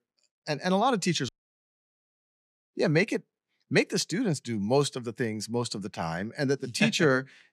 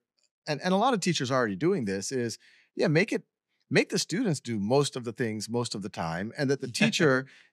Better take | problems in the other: second | audio cutting out; at 1.5 s for 1.5 s

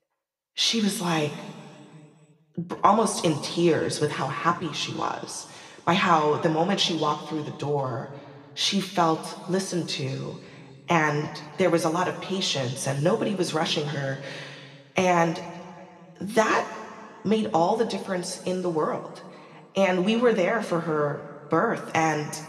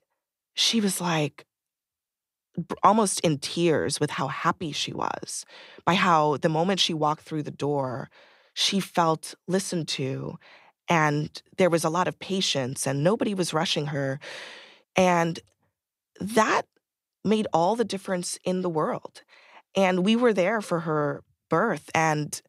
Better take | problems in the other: second | room echo; slight; dies away in 1.8 s

